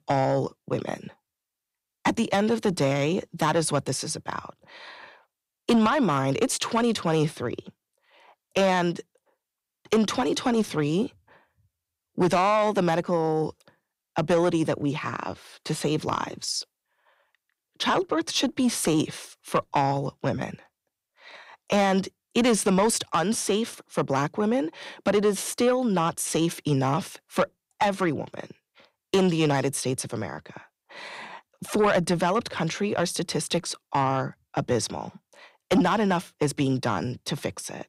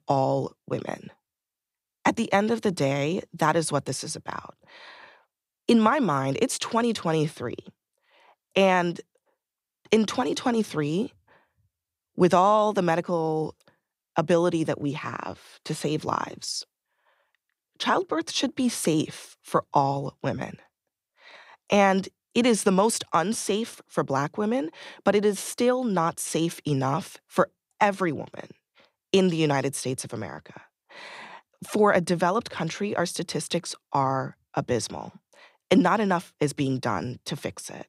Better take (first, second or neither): second